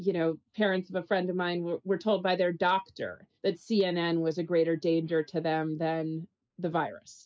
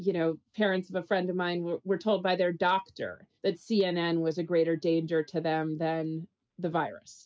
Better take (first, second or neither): second